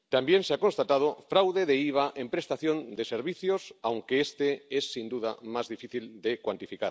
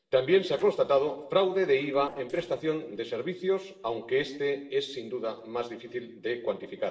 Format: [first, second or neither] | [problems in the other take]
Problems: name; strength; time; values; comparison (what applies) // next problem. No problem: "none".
first | noise reduction (neural separator model SepFormer DNS4)